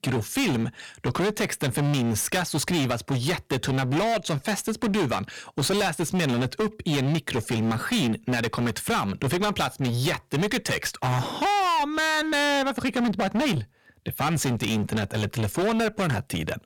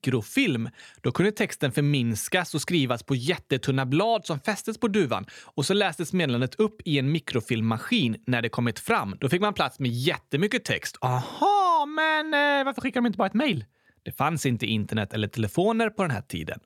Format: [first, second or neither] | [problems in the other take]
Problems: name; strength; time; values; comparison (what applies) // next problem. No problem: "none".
second | distortion; heavy; 29% of the sound clipped